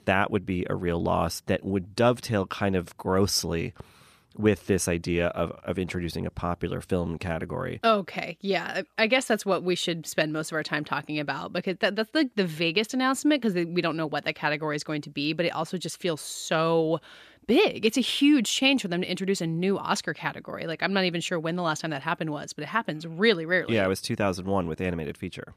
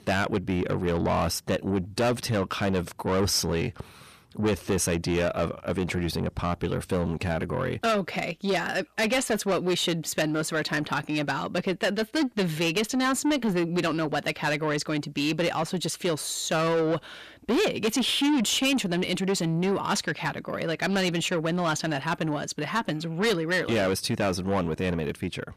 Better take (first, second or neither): first